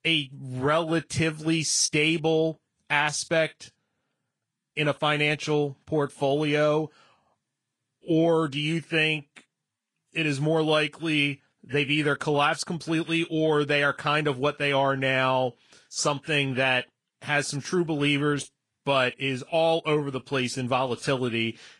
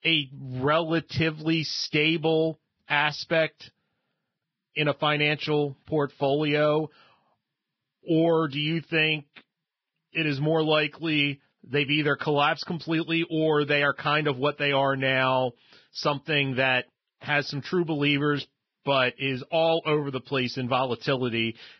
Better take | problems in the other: first | garbled, watery; badly; nothing above 5.5 kHz; slightly in the first

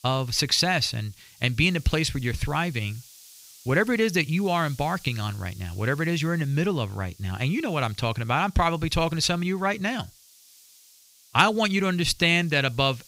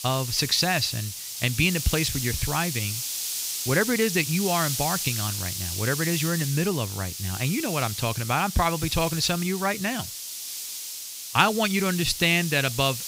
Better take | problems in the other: first | hiss; loud; throughout; 5 dB below the speech; faint in the first

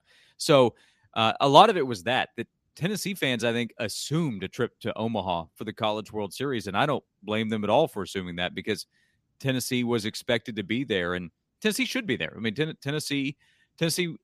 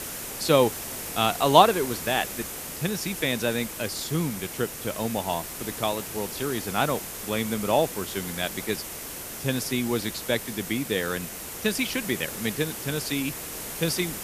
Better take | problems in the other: first | hiss; loud; throughout; 7 dB below the speech

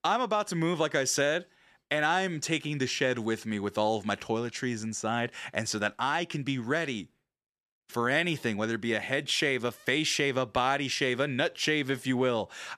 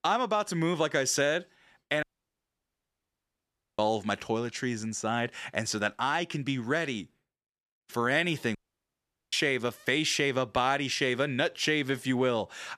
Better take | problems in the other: first | audio cutting out; at 2 s for 2 s and at 8.5 s for 1 s

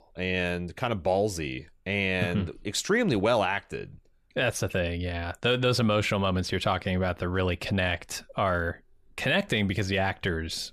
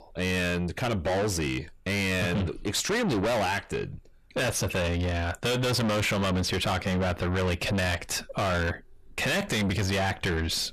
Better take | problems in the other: first | distortion; heavy; 6 dB below the speech

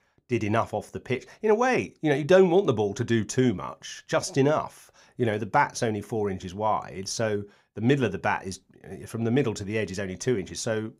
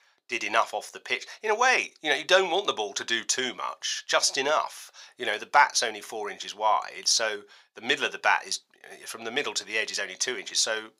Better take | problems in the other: first | thin; very; fading below 850 Hz

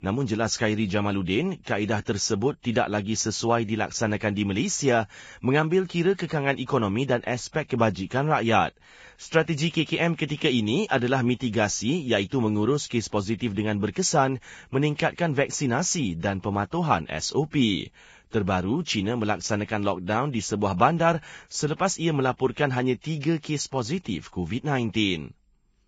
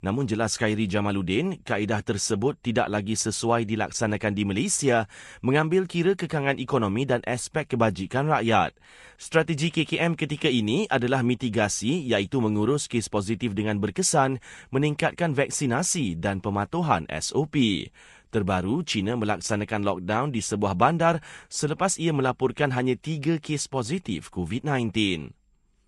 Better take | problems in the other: second | garbled, watery; badly; nothing above 7.5 kHz; slightly in the second

